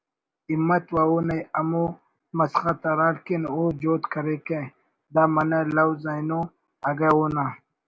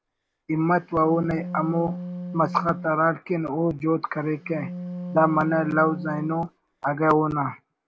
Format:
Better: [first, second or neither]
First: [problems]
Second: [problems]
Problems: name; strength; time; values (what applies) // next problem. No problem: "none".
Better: first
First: none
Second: background sound (Wind instrument, woodwind instrument); 11 dB below the speech